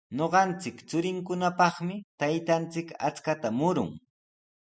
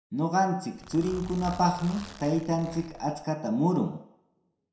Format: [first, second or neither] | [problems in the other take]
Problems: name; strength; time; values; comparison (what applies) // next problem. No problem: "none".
first | background sound (Zipper (clothing)); 16 dB below the speech // room echo; dies away in 0.6 s